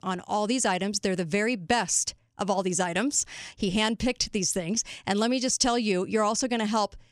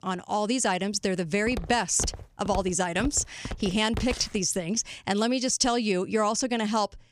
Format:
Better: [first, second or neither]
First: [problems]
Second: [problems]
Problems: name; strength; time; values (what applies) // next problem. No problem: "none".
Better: first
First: none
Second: footsteps; noticeable; from 1.5 to 4.5 s; peak 9 dB below the speech